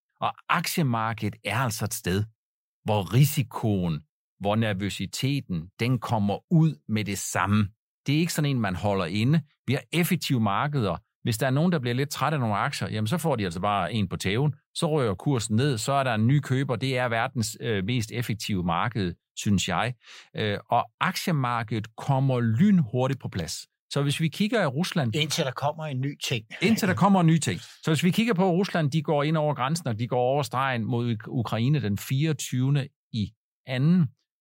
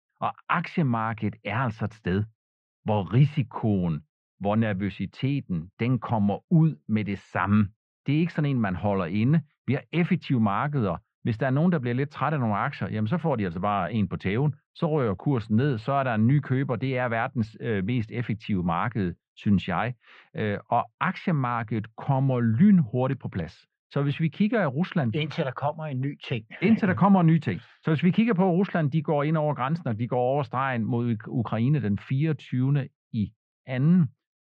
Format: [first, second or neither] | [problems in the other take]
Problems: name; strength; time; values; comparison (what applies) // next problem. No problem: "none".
first | muffled; very; fading above 2.5 kHz